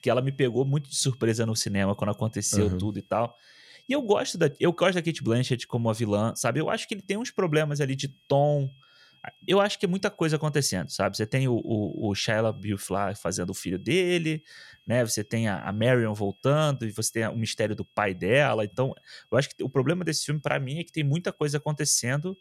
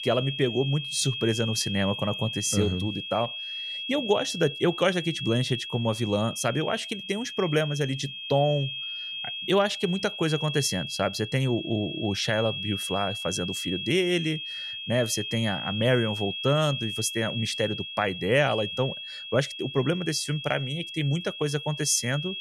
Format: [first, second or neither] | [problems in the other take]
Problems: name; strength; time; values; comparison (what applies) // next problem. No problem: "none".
first | high-pitched whine; loud; throughout; 3.5 kHz, 6 dB below the speech; faint in the first